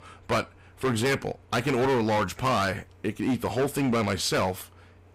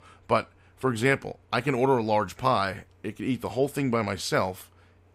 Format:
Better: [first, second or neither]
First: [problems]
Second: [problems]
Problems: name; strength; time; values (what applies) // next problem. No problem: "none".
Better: second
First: distortion; heavy; 15% of the sound clipped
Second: none